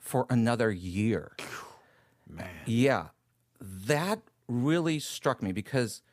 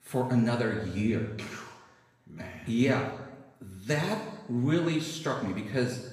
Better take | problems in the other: first | room echo; noticeable; dies away in 1 s // off-mic speech; far

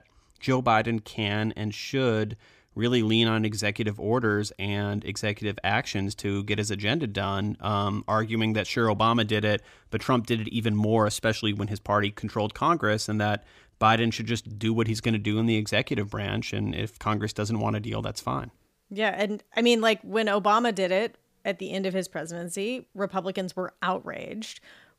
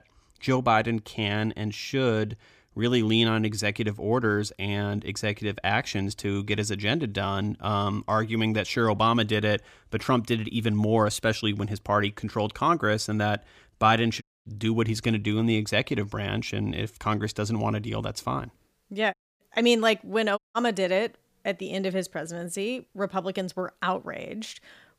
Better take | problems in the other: first | audio cutting out; at 14 s, at 19 s and at 20 s

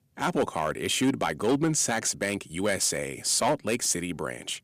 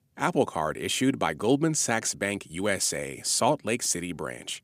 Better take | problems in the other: second | distortion; slight; 4% of the sound clipped

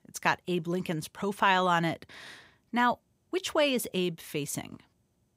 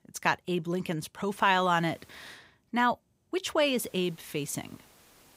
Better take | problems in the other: first | hiss; faint; from 1.5 to 2.5 s and from 3.5 s on; 30 dB below the speech

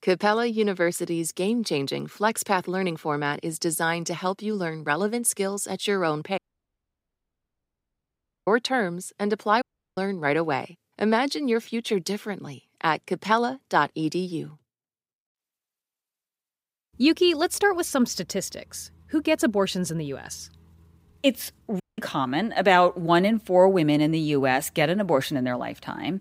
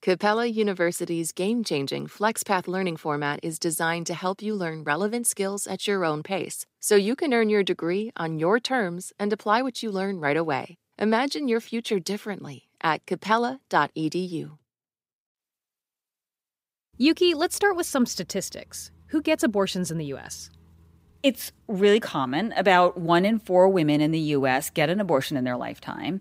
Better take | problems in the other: second | audio cutting out; at 6.5 s for 2 s, at 9.5 s and at 22 s

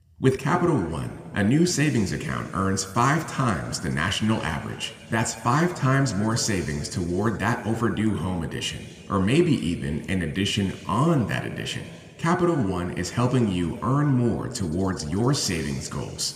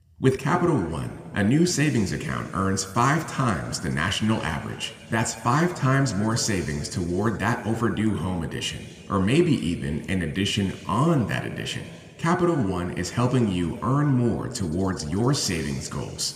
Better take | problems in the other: neither | room echo; slight; dies away in 2 s; the same in both

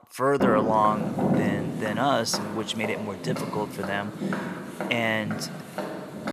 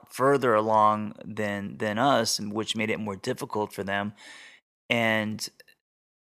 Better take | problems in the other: second | footsteps; loud; peak 3 dB above the speech

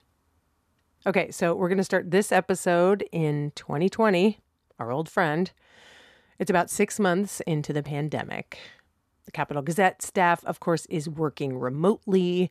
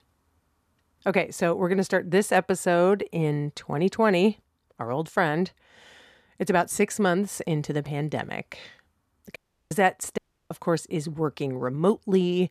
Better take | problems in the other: first | audio cutting out; at 9.5 s and at 10 s

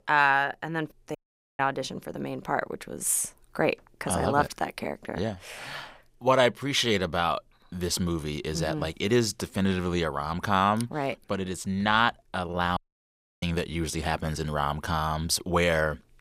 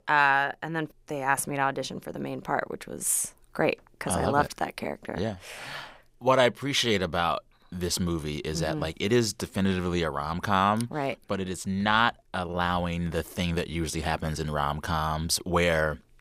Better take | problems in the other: second | audio cutting out; at 1 s and at 13 s for 0.5 s

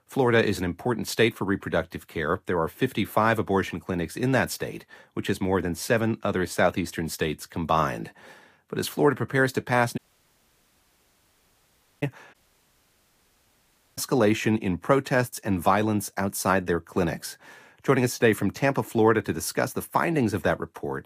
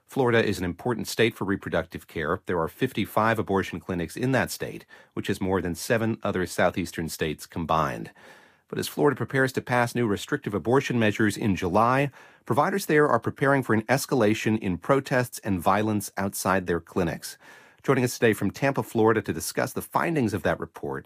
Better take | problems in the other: second | audio cutting out; at 10 s for 2 s and at 12 s for 1.5 s

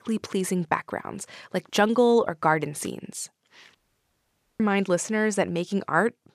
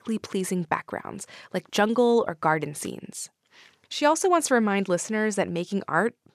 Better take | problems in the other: second | audio cutting out; at 4 s for 1 s

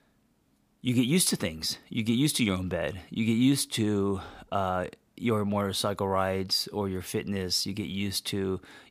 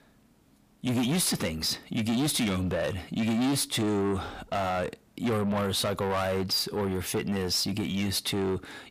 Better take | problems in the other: first | distortion; heavy; 7 dB below the speech

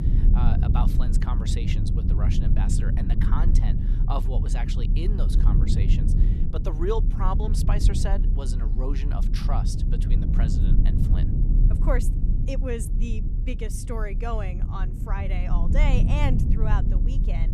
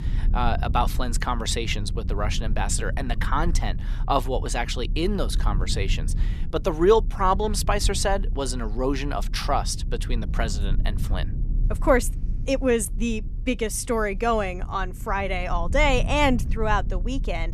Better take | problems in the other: second | low rumble; loud; throughout; 4 dB below the speech; faint in the second

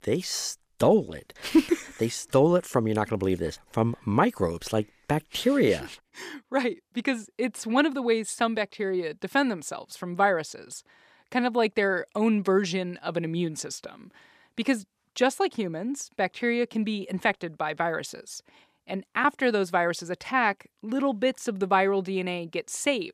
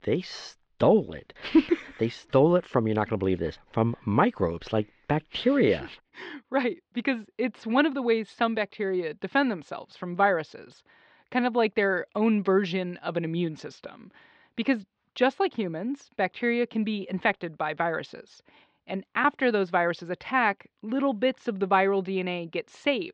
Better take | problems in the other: first | muffled; slightly; fading above 4 kHz

